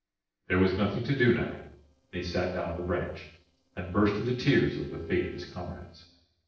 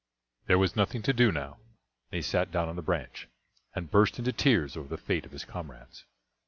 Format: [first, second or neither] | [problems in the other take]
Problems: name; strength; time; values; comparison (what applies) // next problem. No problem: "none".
second | noise reduction (neural separator model SepFormer DNS4)